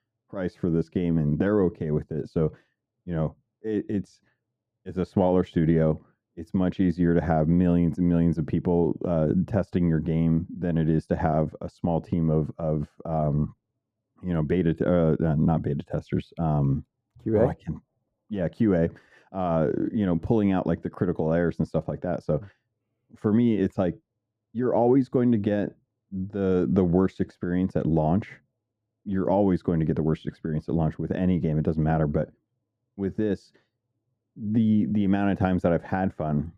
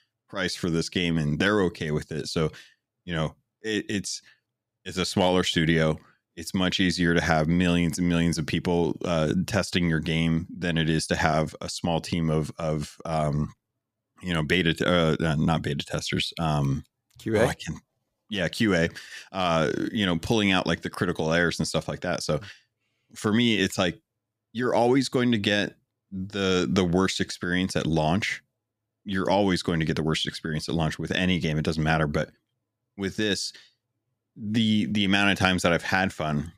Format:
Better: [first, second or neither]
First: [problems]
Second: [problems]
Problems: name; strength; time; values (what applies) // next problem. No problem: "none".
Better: second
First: muffled; very; fading above 1.5 kHz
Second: none